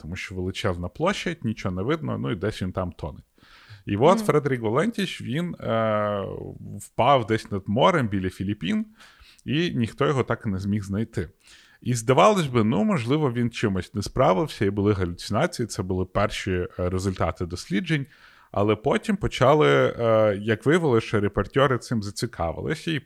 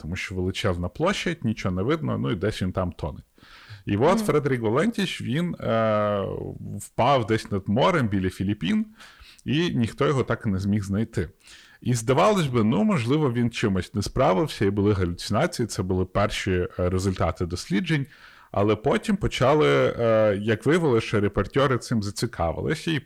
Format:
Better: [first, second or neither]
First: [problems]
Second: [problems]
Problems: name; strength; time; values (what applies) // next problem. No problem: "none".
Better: first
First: none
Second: distortion; slight; 10 dB below the speech